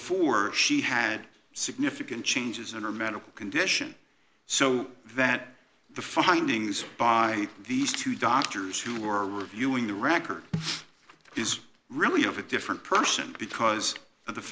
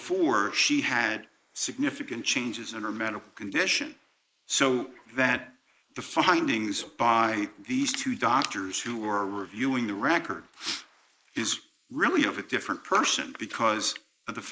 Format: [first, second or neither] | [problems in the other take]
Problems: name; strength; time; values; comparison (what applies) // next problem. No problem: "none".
first | noise reduction (neural mask model Resemble Enhance denoiser)